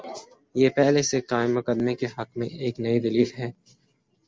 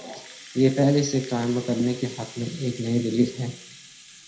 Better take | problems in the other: first | background sound (Rattle (instrument)); 18 dB below the speech // room echo; dies away in 0.5 s

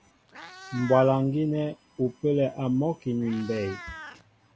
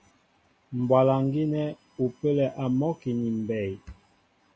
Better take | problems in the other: second | background sound (Meow); 19 dB below the speech

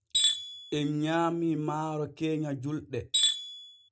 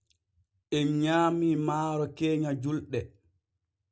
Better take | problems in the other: second | noise reduction (neural mask model RNNoise)

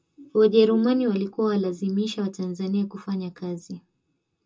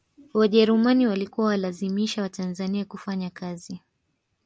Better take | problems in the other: second | room echo; dies away in 0.2 s

